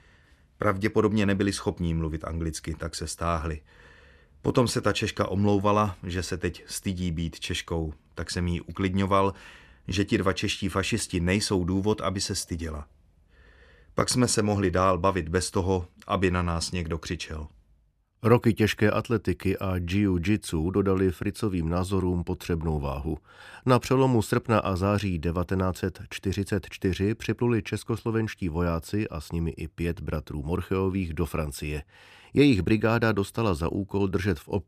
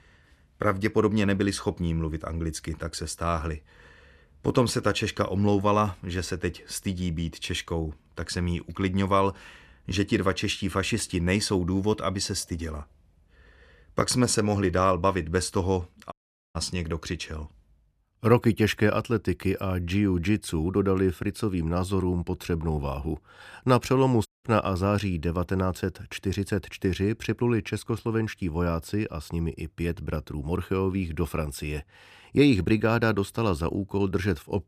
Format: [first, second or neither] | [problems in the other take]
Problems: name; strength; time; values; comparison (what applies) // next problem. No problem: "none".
first | audio cutting out; at 16 s and at 24 s